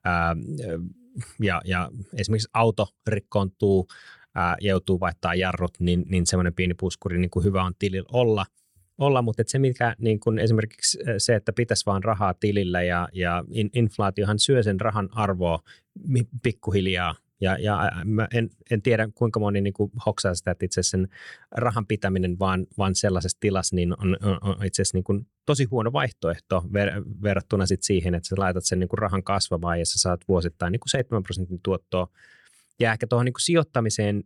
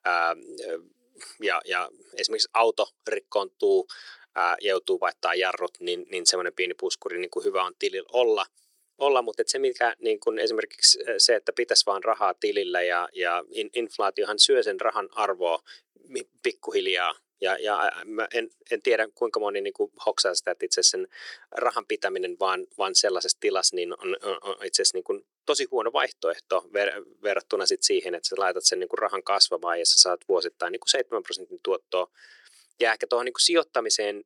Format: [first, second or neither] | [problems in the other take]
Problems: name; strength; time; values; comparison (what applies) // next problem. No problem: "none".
first | thin; very; fading below 350 Hz